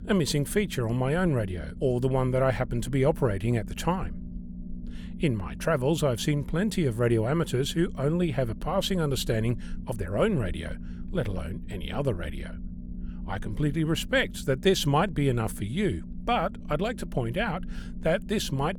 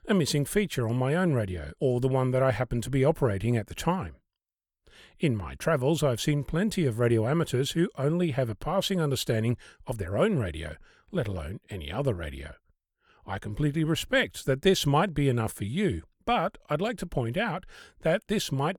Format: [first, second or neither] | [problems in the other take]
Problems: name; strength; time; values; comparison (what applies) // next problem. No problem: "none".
second | low rumble; noticeable; throughout; 20 dB below the speech